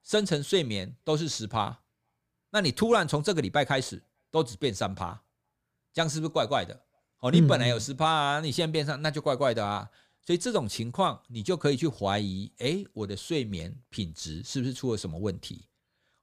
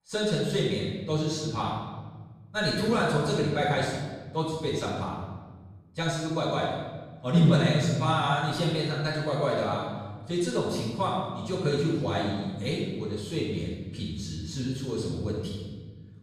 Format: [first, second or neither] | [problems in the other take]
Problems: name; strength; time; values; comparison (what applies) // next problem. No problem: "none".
first | room echo; strong; dies away in 1.4 s // off-mic speech; far